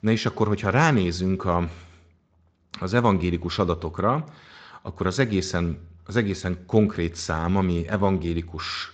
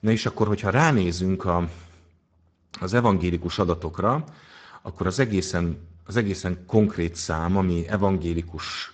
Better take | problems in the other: first | garbled, watery; badly; nothing above 8 kHz; slightly in the first

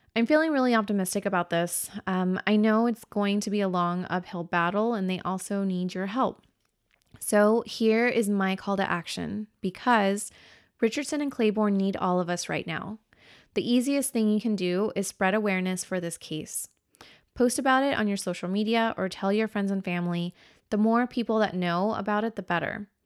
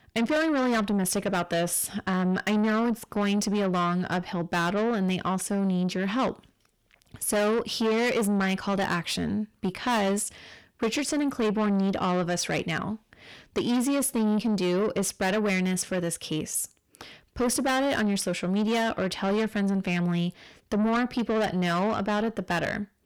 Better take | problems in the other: first | distortion; heavy; 7 dB below the speech

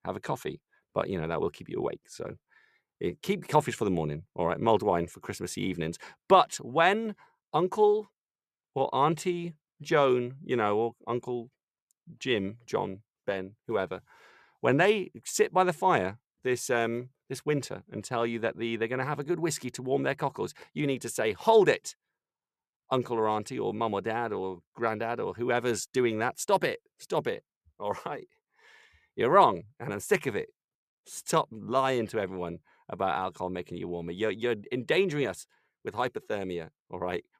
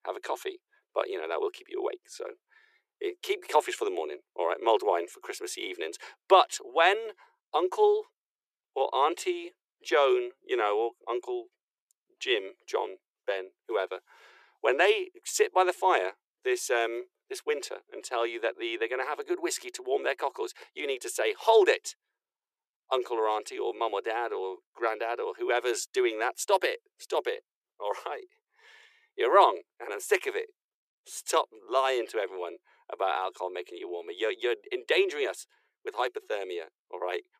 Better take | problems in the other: first | thin; very; fading below 350 Hz

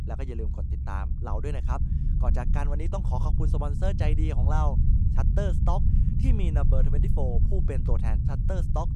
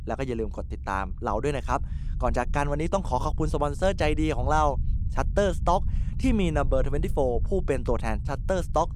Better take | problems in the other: second | low rumble; loud; throughout; 5 dB below the speech; faint in the second

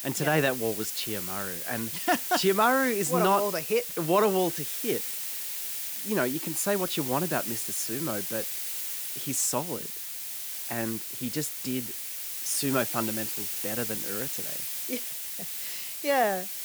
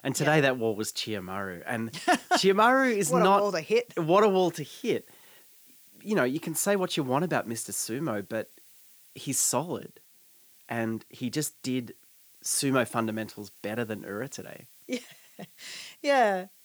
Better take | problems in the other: second | hiss; loud; throughout; 1 dB below the speech; faint in the second

